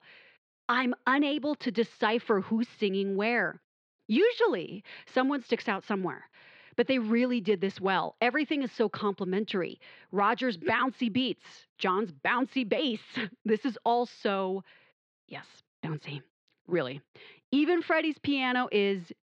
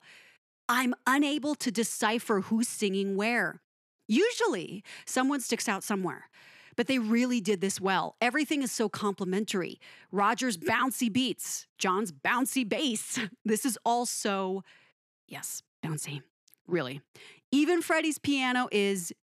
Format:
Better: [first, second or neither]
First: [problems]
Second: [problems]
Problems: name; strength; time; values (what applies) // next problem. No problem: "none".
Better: second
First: muffled; slightly; fading above 4 kHz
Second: none